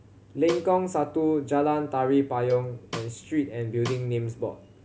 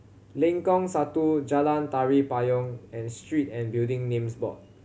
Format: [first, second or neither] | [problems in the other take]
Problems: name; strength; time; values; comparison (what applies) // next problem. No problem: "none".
second | background sound (Cowbell + Snare drum); 13 dB below the speech